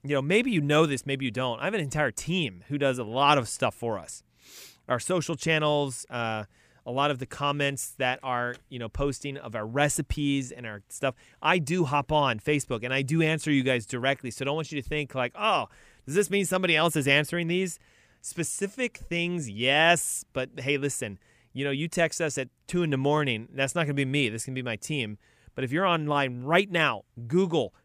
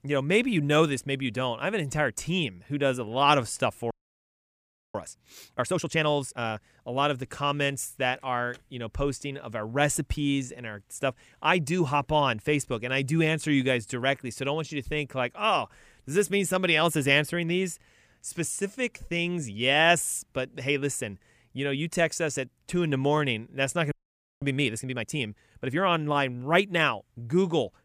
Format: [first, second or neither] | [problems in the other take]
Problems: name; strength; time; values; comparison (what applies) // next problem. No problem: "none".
first | audio freezing; at 4 s for 1 s and at 24 s for 0.5 s